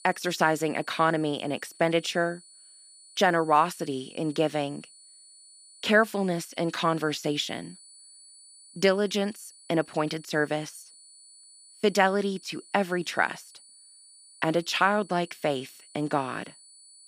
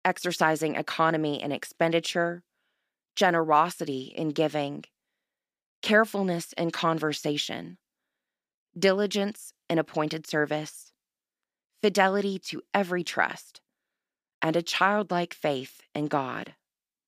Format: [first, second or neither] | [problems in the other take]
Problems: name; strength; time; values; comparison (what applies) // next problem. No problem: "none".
second | high-pitched whine; faint; throughout; 9.5 kHz, 25 dB below the speech